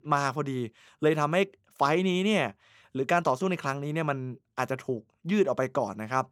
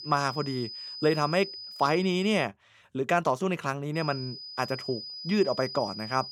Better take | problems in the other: first | high-pitched whine; loud; until 2.5 s and from 4 s on; 5 kHz, 10 dB below the speech

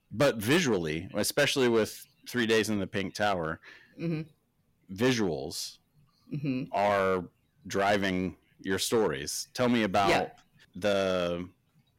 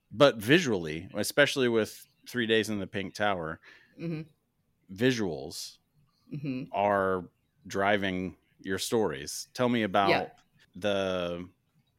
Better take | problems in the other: second | distortion; heavy; 5% of the sound clipped

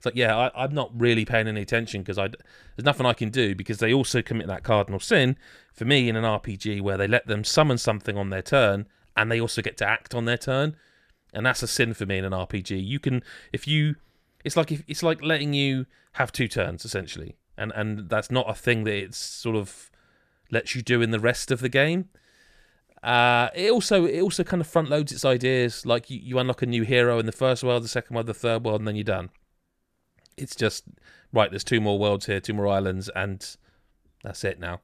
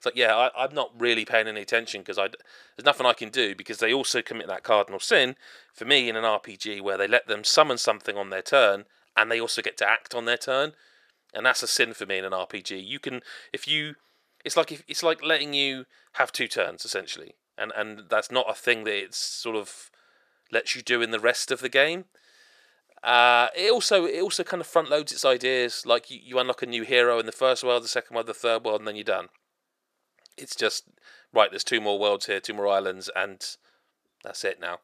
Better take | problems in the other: first | thin; very; fading below 500 Hz

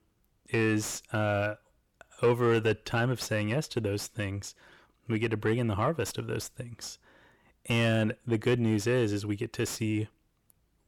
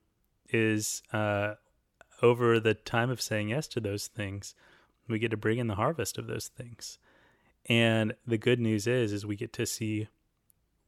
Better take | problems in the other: second | distortion; slight; 10 dB below the speech

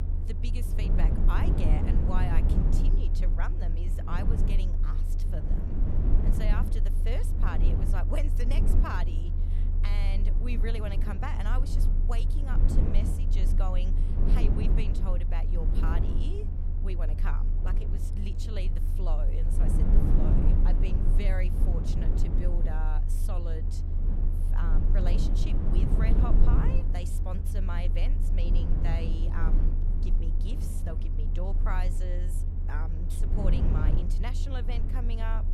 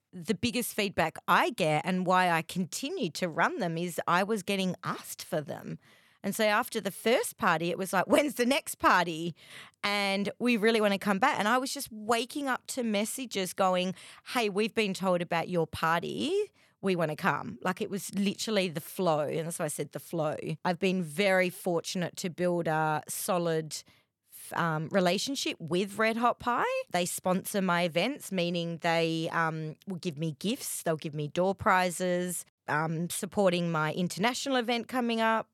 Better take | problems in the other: second | low rumble; loud; throughout; 2 dB below the speech

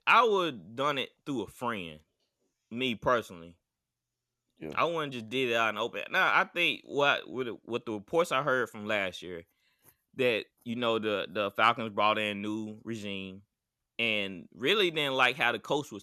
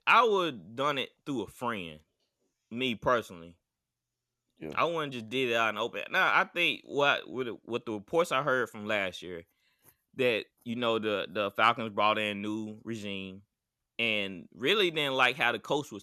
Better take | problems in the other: neither | none

